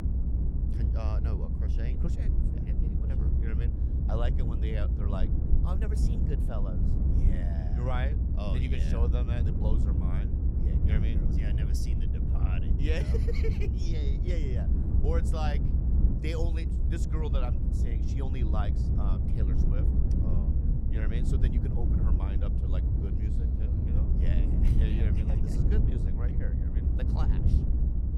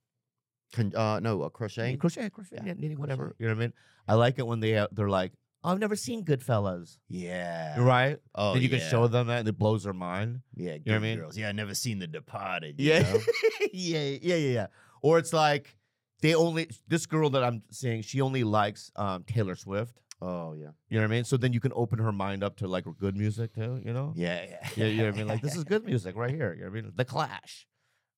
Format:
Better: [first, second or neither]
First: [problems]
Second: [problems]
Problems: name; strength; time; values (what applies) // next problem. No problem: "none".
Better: second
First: low rumble; loud; throughout; 1 dB below the speech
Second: none